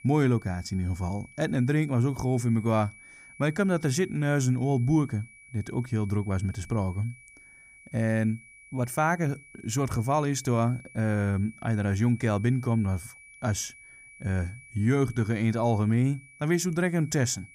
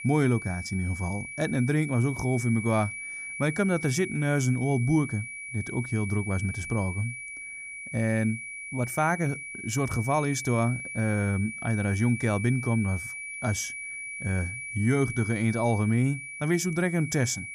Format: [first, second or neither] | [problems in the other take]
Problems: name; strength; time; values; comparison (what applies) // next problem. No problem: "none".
first | high-pitched whine; loud; throughout; 2.5 kHz, 8 dB below the speech; faint in the first